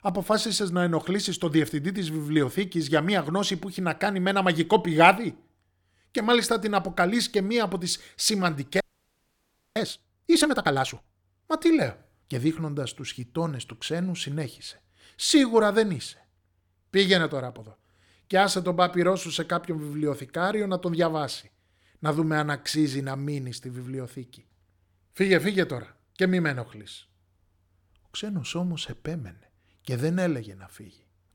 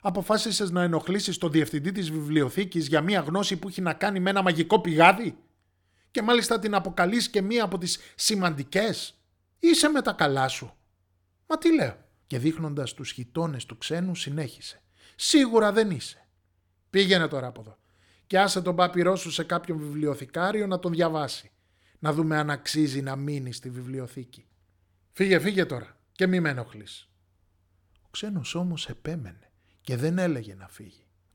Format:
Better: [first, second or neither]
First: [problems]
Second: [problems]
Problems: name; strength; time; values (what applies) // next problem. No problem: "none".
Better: second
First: audio freezing; at 9 s for 1 s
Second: none